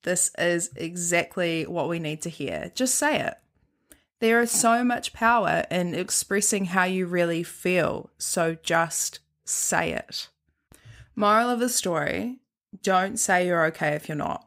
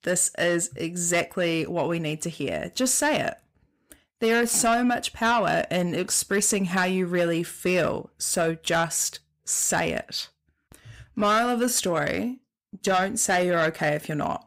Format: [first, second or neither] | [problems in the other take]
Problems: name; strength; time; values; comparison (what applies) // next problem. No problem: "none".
first | distortion; slight; 10 dB below the speech